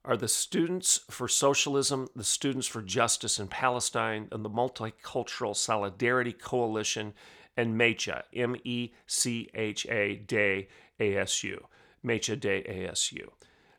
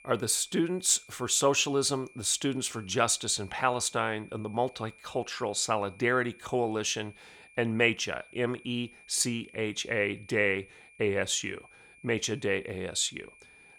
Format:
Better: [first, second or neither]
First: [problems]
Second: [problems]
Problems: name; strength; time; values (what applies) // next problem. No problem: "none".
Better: first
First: none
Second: high-pitched whine; faint; throughout; 2.5 kHz, 25 dB below the speech